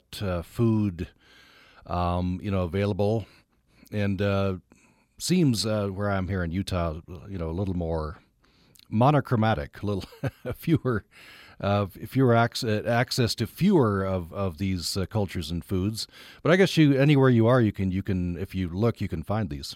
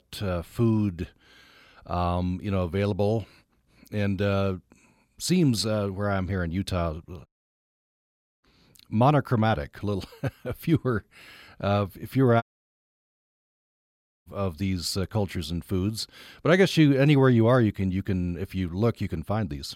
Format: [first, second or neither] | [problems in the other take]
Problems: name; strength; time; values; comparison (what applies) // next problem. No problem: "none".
first | audio cutting out; at 7.5 s for 1 s and at 12 s for 2 s